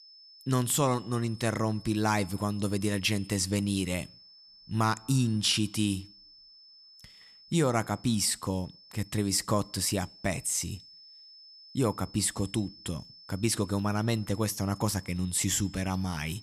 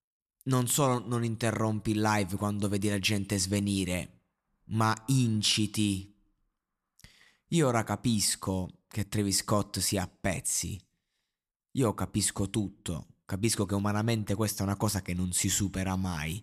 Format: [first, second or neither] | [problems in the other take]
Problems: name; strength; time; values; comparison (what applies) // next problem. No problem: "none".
second | high-pitched whine; faint; throughout; 5 kHz, 20 dB below the speech